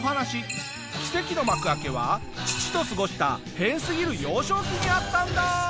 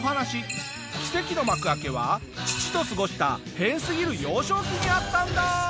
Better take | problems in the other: second | background sound (Gong); 15 dB below the speech

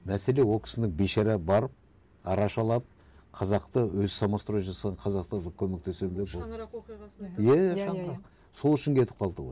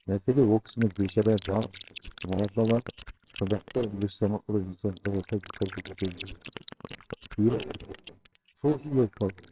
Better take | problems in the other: first | noise reduction (neural separator model SepFormer WHAMR!)

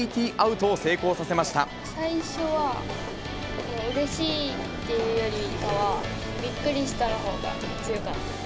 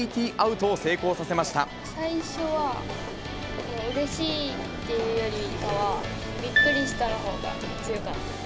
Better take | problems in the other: first | background sound (Piano); 1 dB above the speech

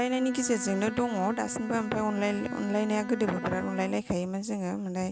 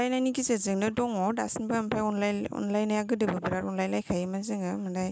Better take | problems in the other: second | background sound (Bowed string instrument); 11 dB below the speech

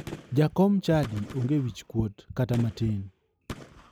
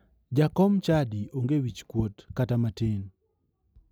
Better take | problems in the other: second | background sound (Gunshot, gunfire); 16 dB below the speech

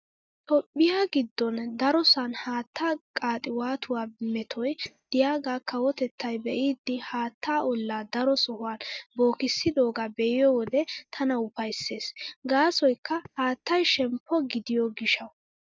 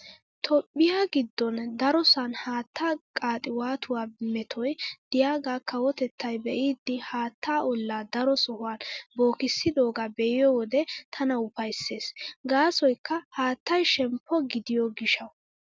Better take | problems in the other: second | noise reduction (neural mask model DeepFilterNet 3)

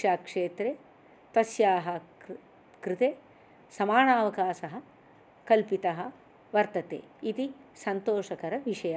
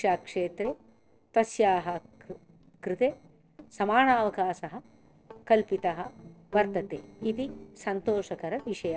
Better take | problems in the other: first | noise reduction (neural separator model SepFormer DNS4)

